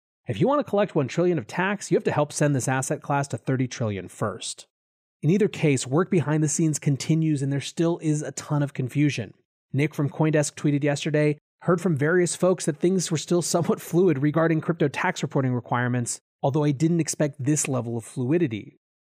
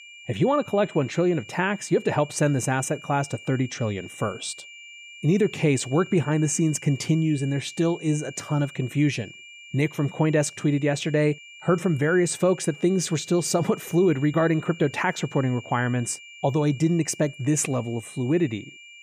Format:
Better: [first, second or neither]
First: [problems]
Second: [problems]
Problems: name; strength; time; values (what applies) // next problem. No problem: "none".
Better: first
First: none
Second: high-pitched whine; noticeable; throughout; 2.5 kHz, 20 dB below the speech